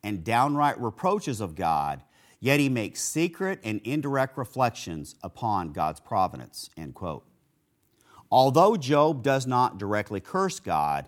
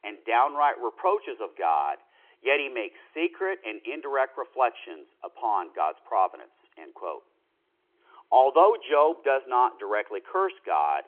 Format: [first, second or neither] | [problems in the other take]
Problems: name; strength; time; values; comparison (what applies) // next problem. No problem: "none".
first | phone-call audio